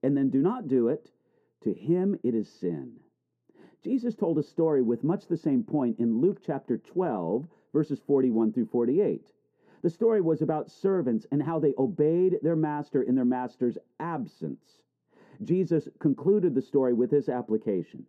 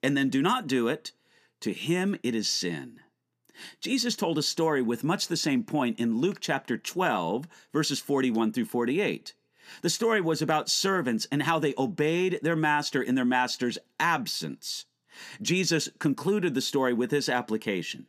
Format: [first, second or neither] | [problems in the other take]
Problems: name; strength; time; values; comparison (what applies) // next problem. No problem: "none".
second | muffled; very; fading above 1.5 kHz